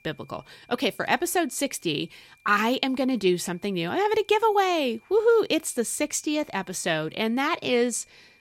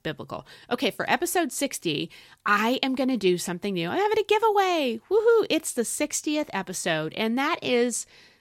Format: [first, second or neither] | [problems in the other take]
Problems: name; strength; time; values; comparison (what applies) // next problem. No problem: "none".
second | high-pitched whine; faint; throughout; 2.5 kHz, 35 dB below the speech